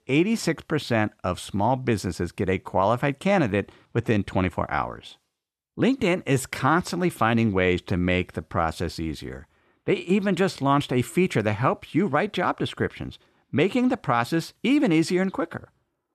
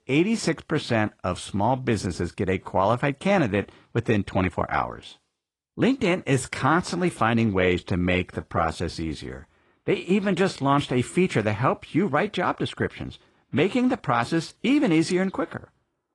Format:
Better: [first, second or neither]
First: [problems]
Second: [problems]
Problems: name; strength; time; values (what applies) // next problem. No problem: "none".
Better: first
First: none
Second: garbled, watery; slightly